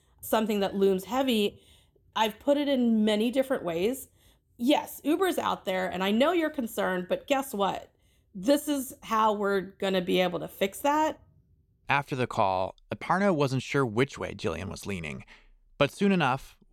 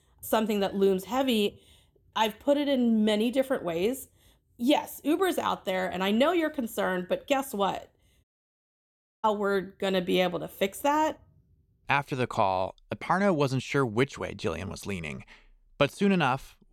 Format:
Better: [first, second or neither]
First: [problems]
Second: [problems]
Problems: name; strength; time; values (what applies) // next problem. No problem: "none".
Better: first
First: none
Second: audio cutting out; at 8 s for 1 s